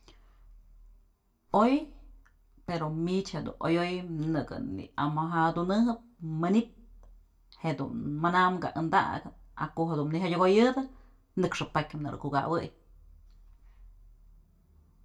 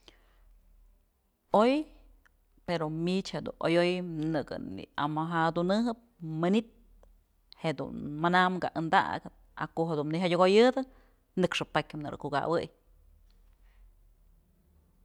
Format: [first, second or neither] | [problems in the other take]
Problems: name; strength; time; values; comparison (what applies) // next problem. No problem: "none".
second | room echo; dies away in 0.2 s